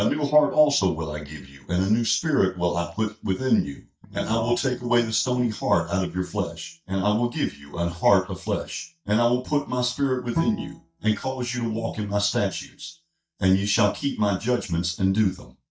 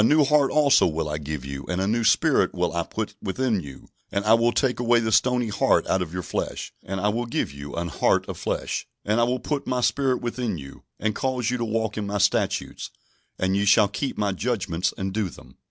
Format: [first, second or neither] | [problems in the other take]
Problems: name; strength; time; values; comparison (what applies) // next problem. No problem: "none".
second | noise reduction (neural mask model DeepFilterNet 3)